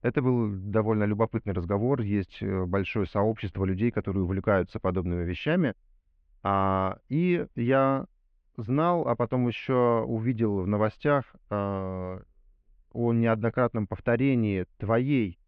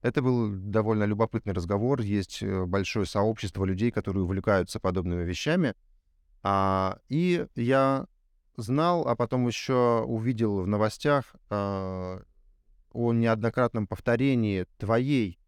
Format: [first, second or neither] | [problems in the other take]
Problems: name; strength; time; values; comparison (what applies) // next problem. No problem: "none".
second | muffled; very; fading above 2.5 kHz